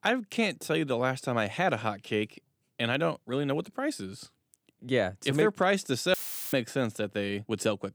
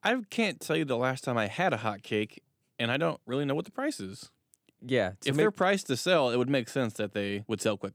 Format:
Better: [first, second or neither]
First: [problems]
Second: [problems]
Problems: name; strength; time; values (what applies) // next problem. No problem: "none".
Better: second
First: audio cutting out; filled with static; at 6 s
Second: none